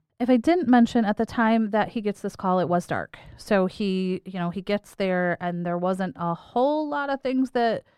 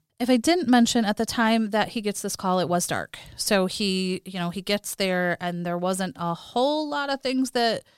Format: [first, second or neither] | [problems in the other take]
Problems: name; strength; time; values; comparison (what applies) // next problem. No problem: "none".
second | muffled; very; fading above 3 kHz